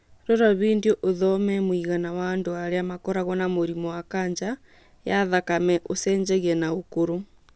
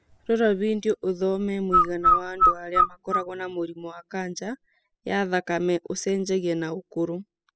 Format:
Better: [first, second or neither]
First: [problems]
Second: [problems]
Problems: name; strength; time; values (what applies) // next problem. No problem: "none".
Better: first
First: none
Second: noise reduction (classical method spectral subtraction)